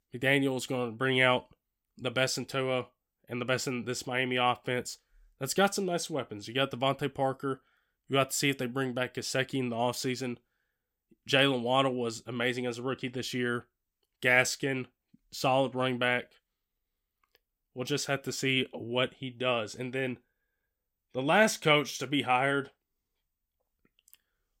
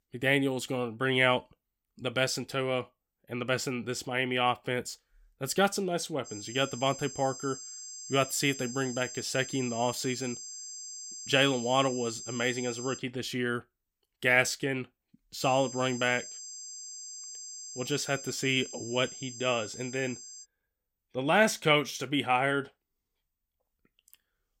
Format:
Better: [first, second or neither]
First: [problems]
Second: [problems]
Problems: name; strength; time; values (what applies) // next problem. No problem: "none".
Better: first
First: none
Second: high-pitched whine; noticeable; from 6.5 to 13 s and from 15 to 20 s; 7.5 kHz, 10 dB below the speech